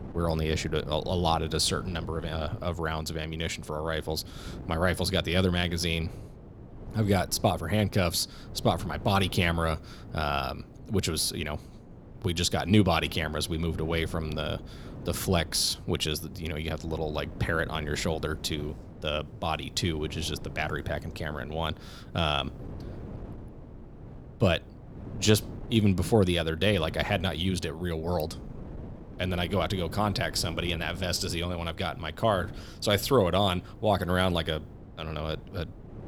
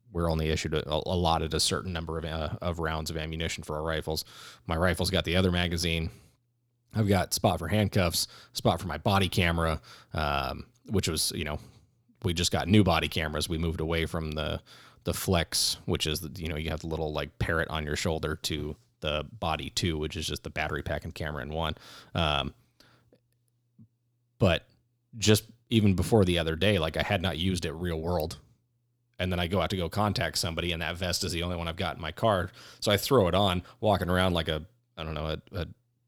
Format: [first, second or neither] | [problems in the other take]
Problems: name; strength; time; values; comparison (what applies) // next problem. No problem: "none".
second | wind noise on the microphone; occasional gusts; 20 dB below the speech